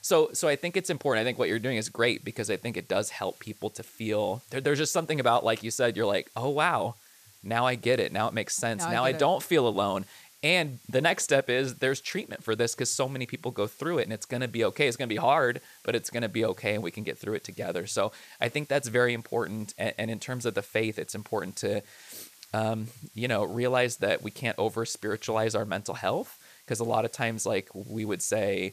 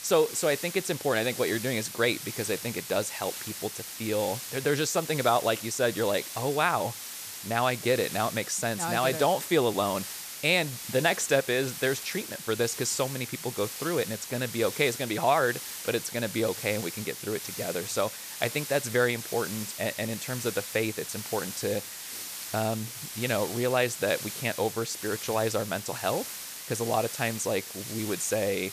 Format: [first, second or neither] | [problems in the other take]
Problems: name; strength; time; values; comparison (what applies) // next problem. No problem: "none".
first | hiss; loud; throughout; 8 dB below the speech; faint in the first